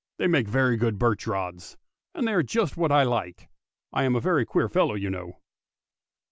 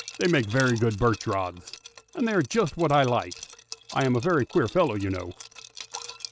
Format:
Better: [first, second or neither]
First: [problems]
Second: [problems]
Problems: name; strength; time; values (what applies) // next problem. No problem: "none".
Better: first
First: none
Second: noise reduction (neural mask model RNNoise)